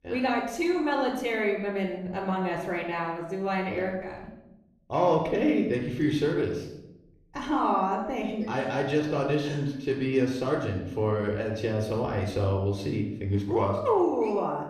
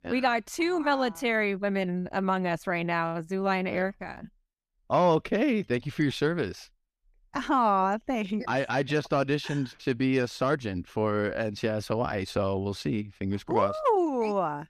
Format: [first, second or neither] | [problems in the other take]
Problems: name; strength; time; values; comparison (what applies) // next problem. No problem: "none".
second | off-mic speech; somewhat distant // room echo; noticeable; dies away in 0.7 s